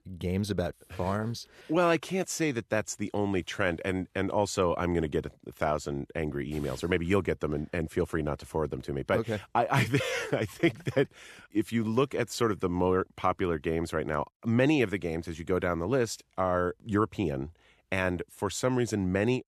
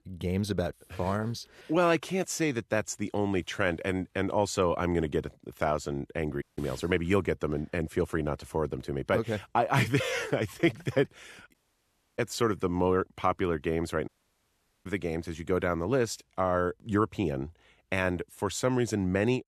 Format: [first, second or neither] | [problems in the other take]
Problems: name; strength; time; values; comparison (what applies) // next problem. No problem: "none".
first | audio cutting out; at 6.5 s, at 12 s for 0.5 s and at 14 s for 1 s